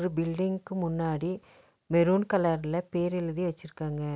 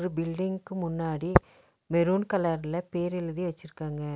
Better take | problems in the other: first | background sound (Tap); 3 dB below the speech

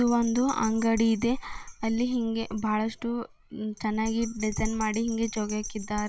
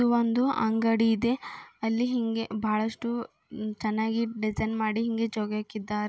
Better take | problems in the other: second | background sound (Bell); 12 dB below the speech

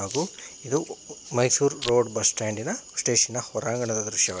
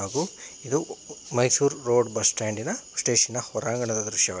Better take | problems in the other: second | background sound (Chewing, mastication); 19 dB below the speech

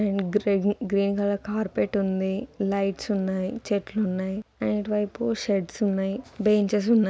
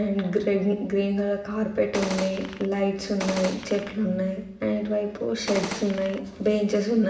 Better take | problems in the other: first | background sound (Gunshot, gunfire); 9 dB below the speech // room echo; dies away in 0.8 s

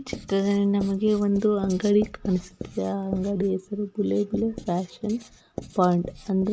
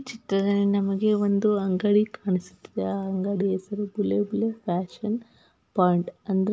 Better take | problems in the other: second | background sound (Writing); 15 dB below the speech

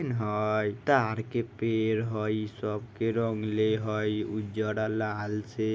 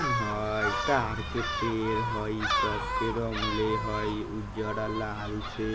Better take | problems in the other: first | background sound (Gull, seagull); 1 dB below the speech

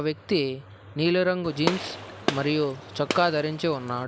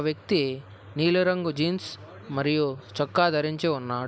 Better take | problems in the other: second | background sound (Gunshot, gunfire); 7 dB below the speech

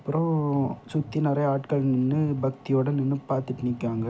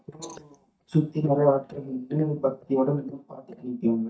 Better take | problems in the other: first | noise reduction (neural mask model DeepFilterNet 3)

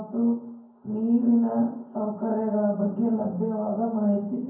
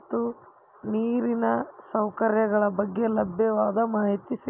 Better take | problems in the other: second | room echo; dies away in 0.9 s

